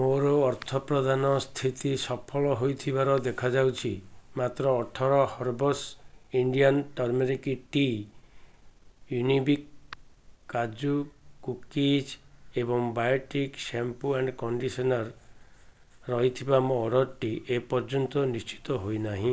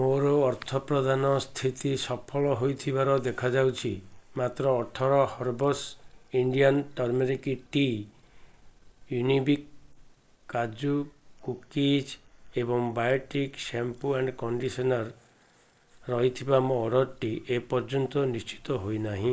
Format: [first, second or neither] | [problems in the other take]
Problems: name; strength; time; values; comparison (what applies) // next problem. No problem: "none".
first | noise reduction (neural mask model Resemble Enhance denoiser)